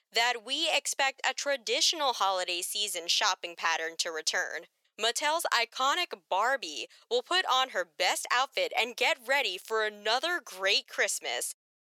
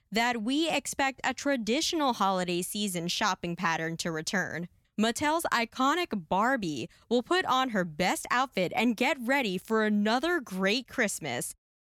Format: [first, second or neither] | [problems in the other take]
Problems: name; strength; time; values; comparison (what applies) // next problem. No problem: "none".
second | thin; very; fading below 450 Hz